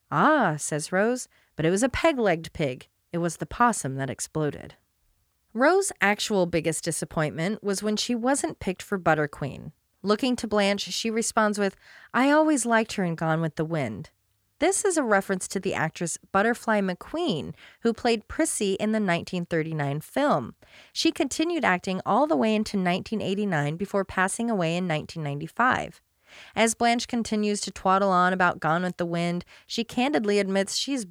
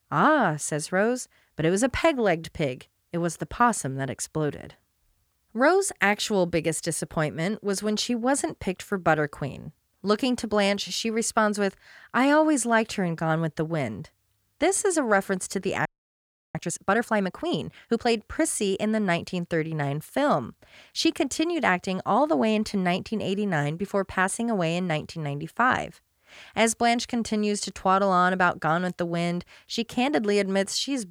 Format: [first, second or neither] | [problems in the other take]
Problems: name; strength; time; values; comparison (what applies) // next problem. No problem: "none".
first | audio freezing; at 16 s for 0.5 s